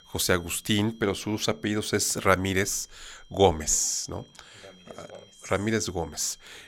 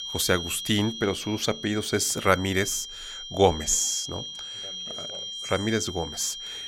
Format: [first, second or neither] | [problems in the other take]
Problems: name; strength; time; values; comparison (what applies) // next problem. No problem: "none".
first | high-pitched whine; loud; throughout; 3 kHz, 9 dB below the speech; faint in the first